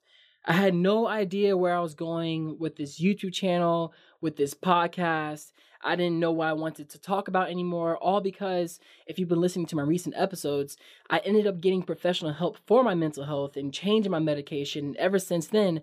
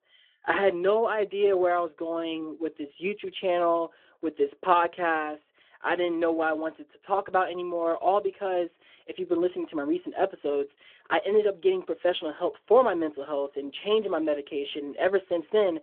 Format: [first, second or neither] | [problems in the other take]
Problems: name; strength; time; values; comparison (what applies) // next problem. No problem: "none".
first | phone-call audio